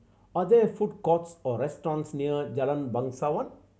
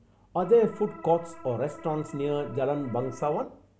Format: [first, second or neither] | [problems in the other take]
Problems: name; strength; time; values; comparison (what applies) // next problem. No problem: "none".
first | background sound (Organ); 17 dB below the speech